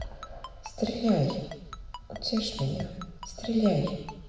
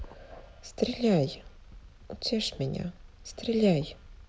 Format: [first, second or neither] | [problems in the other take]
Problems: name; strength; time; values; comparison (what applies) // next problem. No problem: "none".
second | background sound (Ringtone); 16 dB below the speech // room echo; dies away in 1 s